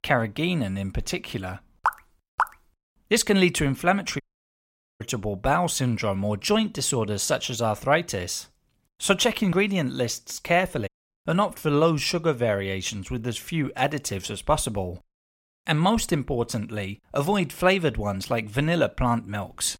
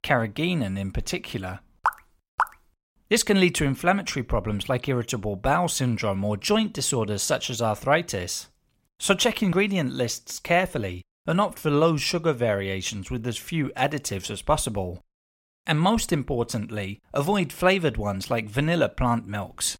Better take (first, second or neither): second